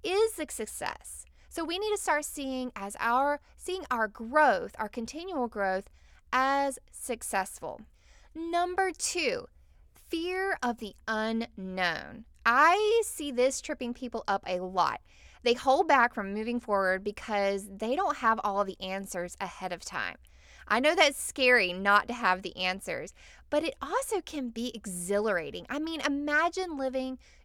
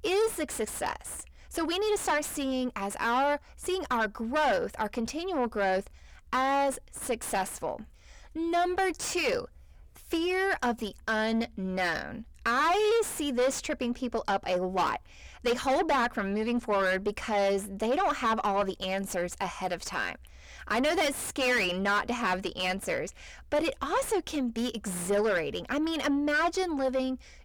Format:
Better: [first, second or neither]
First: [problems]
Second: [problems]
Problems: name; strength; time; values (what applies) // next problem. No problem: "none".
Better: first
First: none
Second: distortion; heavy; 5 dB below the speech